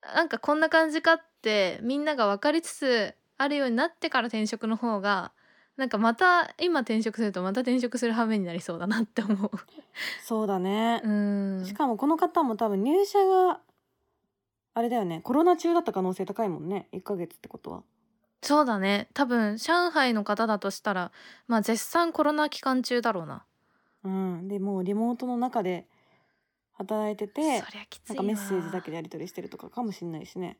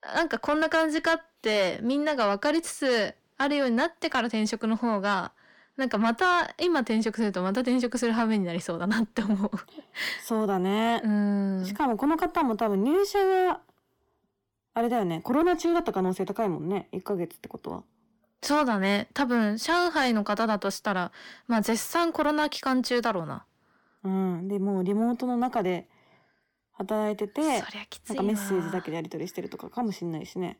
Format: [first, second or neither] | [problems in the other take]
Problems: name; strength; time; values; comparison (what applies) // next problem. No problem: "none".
first | distortion; slight; 10 dB below the speech